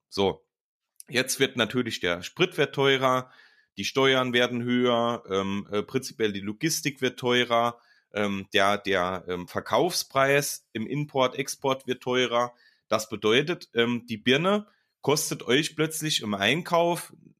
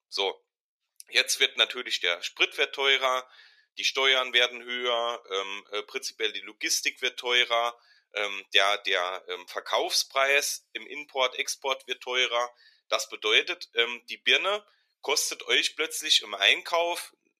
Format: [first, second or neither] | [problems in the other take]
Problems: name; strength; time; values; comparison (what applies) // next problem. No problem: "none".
first | thin; very; fading below 450 Hz